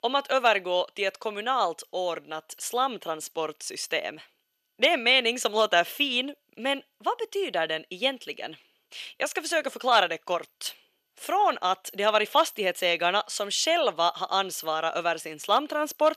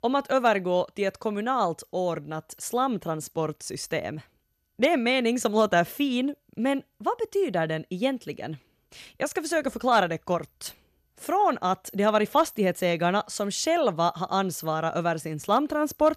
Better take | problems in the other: second | thin; somewhat; fading below 450 Hz

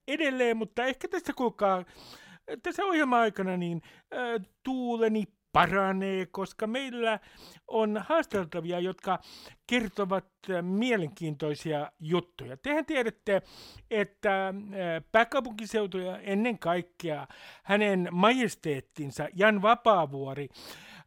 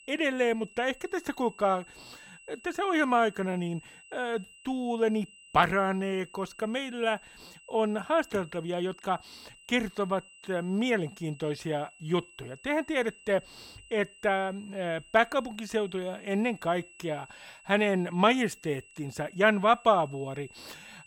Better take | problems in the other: first | high-pitched whine; faint; throughout; 3 kHz, 25 dB below the speech

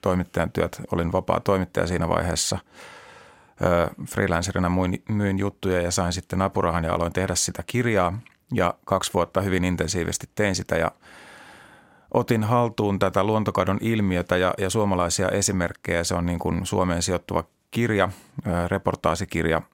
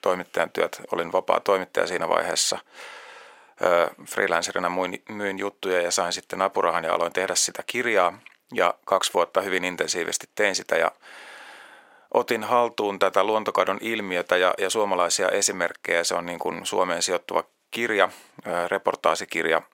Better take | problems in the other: first | thin; somewhat; fading below 450 Hz

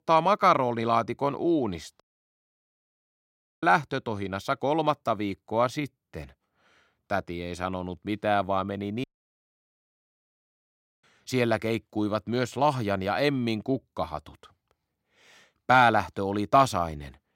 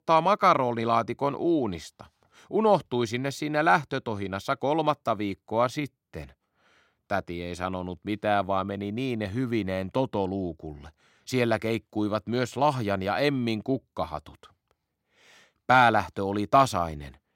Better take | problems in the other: second | audio cutting out; at 2 s for 1.5 s and at 9 s for 2 s

